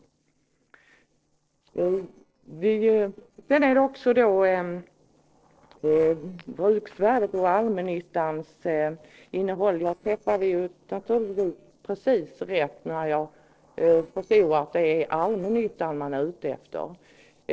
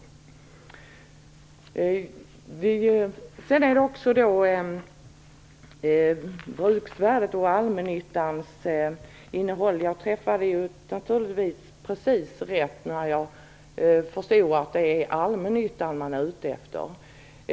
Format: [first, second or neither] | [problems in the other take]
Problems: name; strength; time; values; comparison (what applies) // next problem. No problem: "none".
second | noise reduction (neural separator model SepFormer DNS4)